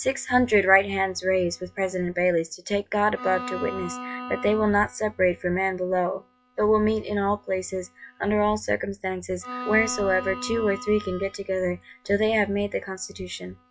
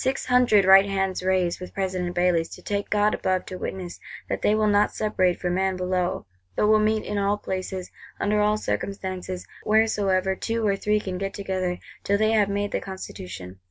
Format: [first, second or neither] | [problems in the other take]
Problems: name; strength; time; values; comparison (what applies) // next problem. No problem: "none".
second | noise reduction (classical method log-MMSE)